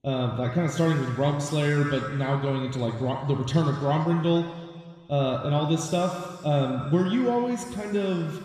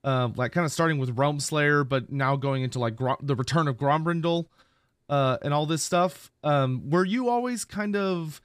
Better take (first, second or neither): second